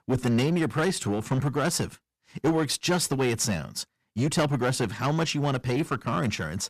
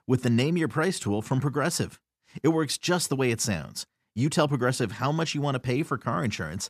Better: second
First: distortion; slight; 8% of the sound clipped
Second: none

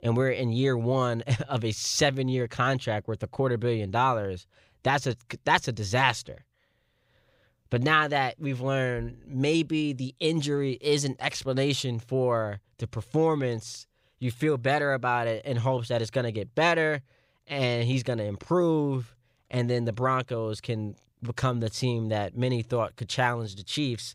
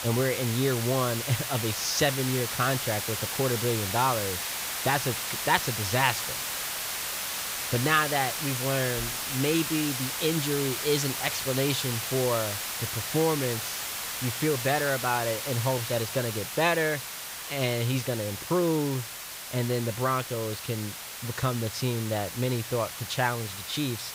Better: first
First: none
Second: hiss; loud; throughout; 3 dB below the speech

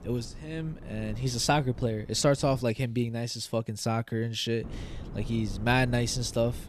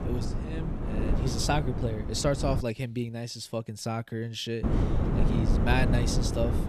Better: first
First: wind noise on the microphone; occasional gusts; until 2.5 s and from 4.5 s on; 20 dB below the speech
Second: wind noise on the microphone; heavy; until 2.5 s and from 4.5 s on; 4 dB below the speech

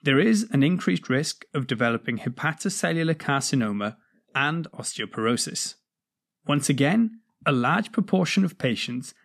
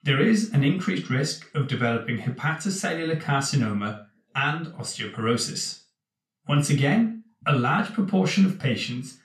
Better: first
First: none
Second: room echo; slight; dies away in 0.3 s // off-mic speech; far

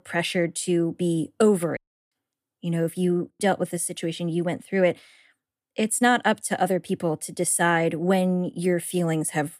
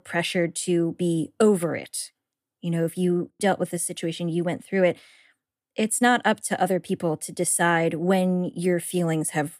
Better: second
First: audio cutting out; at 2 s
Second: none

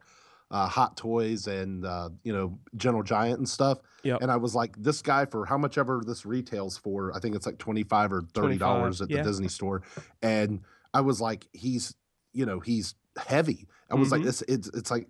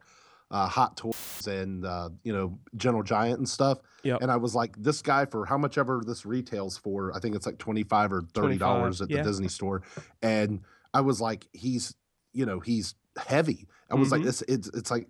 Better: first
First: none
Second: audio cutting out; filled with static; at 1 s

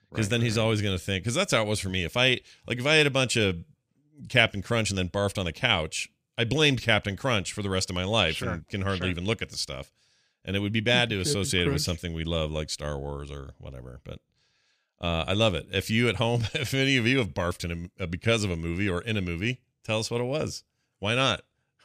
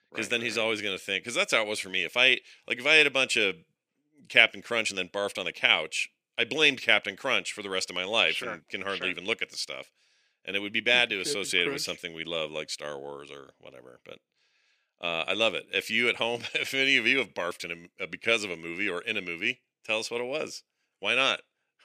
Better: first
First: none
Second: thin; somewhat; fading below 350 Hz

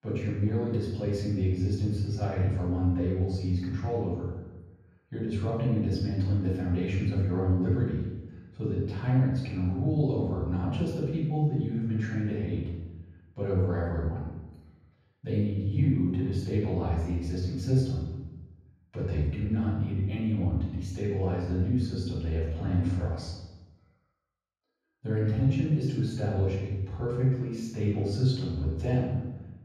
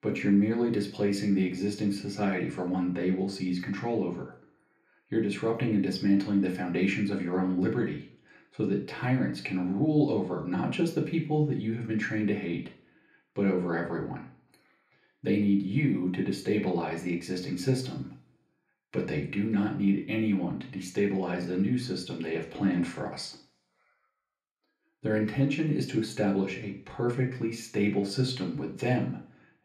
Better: second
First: room echo; strong; dies away in 1.3 s // off-mic speech; far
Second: room echo; slight; dies away in 0.4 s // off-mic speech; far

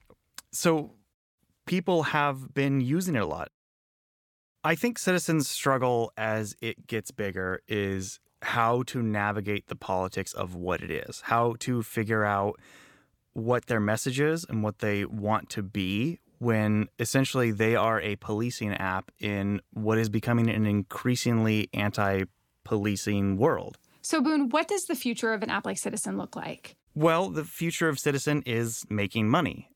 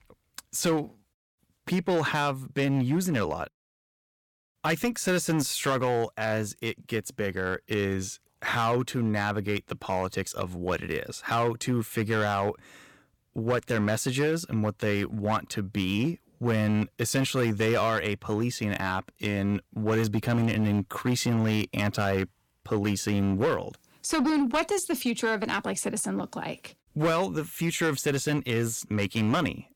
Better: first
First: none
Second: distortion; slight; 7% of the sound clipped

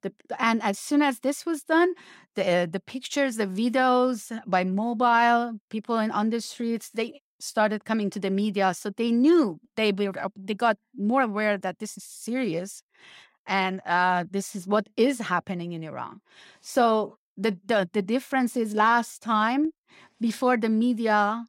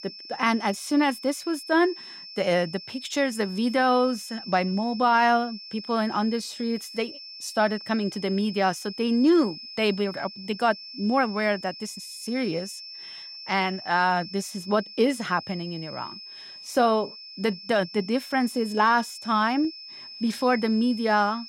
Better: first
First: none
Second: high-pitched whine; noticeable; throughout; 5 kHz, 15 dB below the speech

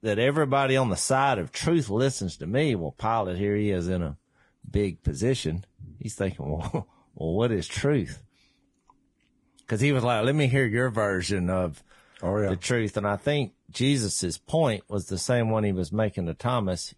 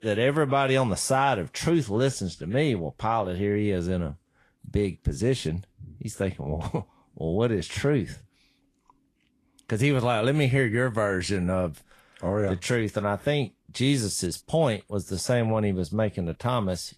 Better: second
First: garbled, watery; badly; nothing above 10.5 kHz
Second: garbled, watery; slightly; nothing above 12 kHz

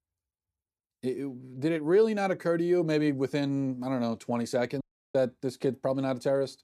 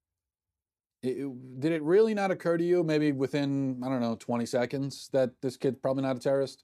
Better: second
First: audio cutting out; at 5 s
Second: none

